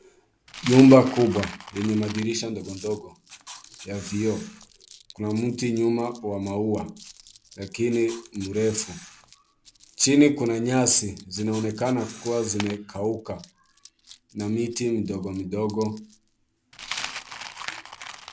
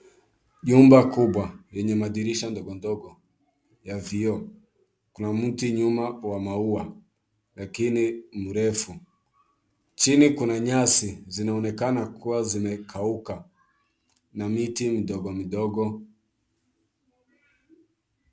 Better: second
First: background sound (Coin (dropping) + Camera); 17 dB below the speech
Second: none

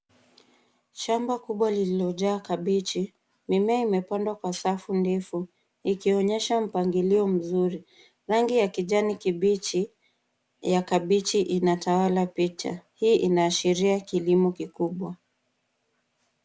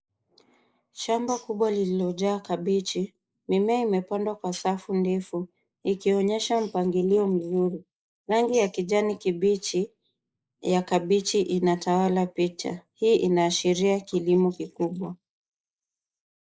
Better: first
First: none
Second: noise reduction (neural mask model Resemble Enhance denoiser)

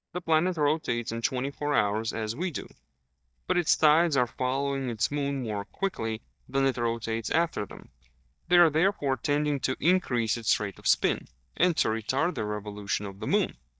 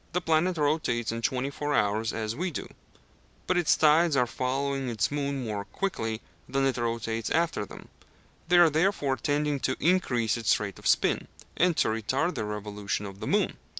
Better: second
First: noise reduction (neural mask model DeepFilterNet 3)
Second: none

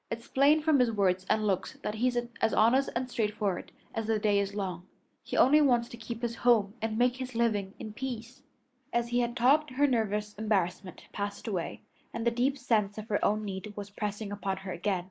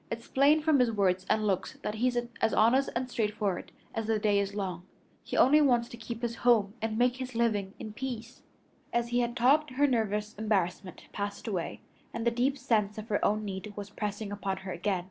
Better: second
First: noise reduction (neural mask model Resemble Enhance denoiser)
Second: none

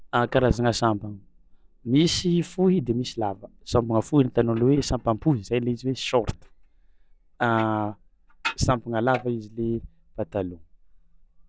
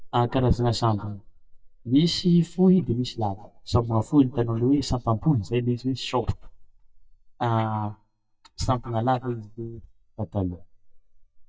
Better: first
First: none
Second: noise reduction (neural mask model DeepFilterNet 3)

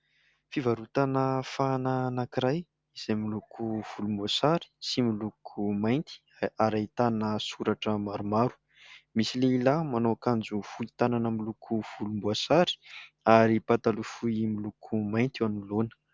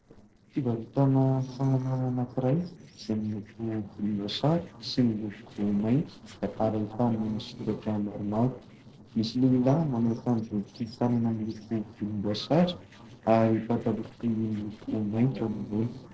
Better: first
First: none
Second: noise reduction (neural separator model SepFormer DNS4)

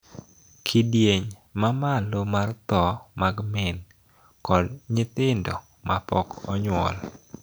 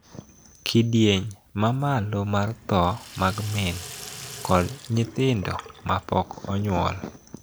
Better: first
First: none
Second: background sound (Sink (filling or washing)); 18 dB below the speech

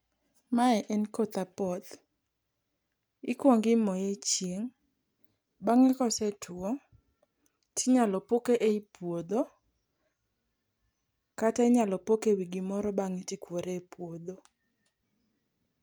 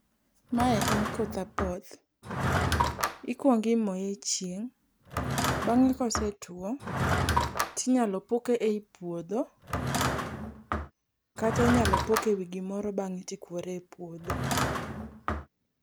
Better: first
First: none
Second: background sound (Drawer open or close / Wood); 2 dB below the speech

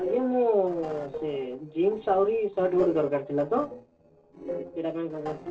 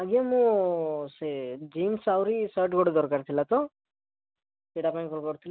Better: second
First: noise reduction (neural separator model SepFormer DNS4)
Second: none

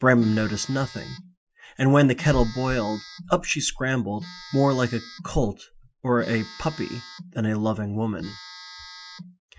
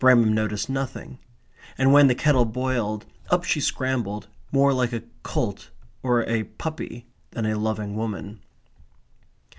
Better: second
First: noise reduction (classical method Wiener filter)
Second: none

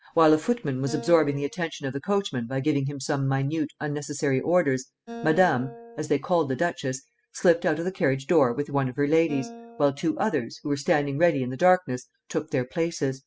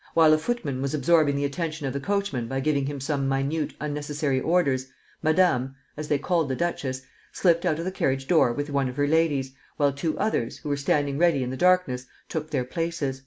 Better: second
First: noise reduction (classical method spectral subtraction)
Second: none

